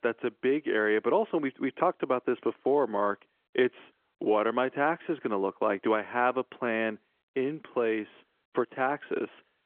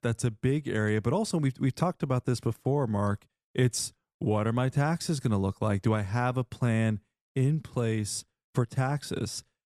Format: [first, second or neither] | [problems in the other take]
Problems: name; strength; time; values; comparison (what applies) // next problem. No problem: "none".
second | phone-call audio